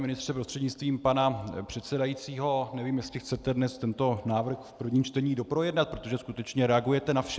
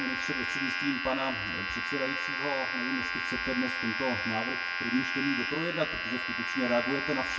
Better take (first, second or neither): first